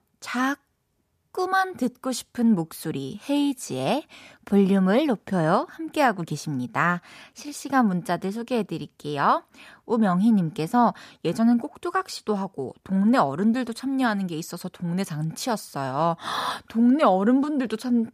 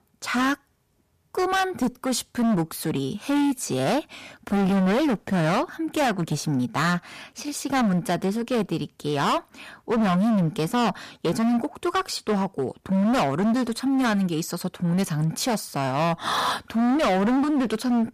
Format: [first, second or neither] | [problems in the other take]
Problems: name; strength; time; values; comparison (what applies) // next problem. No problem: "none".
first | distortion; heavy; 21% of the sound clipped